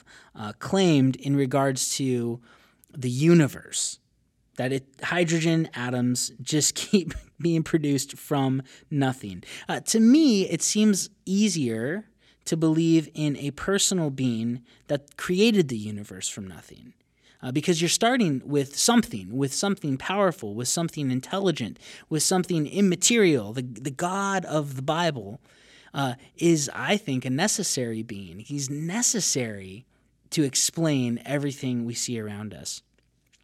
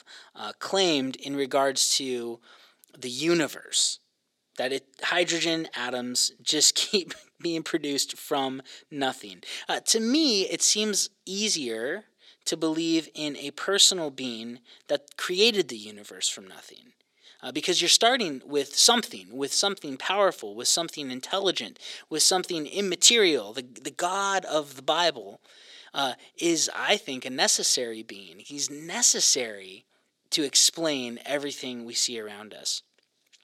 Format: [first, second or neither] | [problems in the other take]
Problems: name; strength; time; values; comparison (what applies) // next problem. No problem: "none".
first | thin; somewhat; fading below 450 Hz